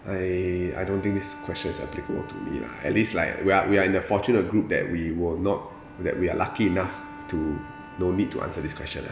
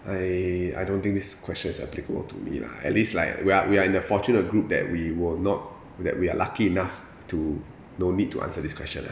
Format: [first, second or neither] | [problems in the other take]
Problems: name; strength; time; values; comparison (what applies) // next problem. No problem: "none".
second | background sound (Bowed string instrument); 18 dB below the speech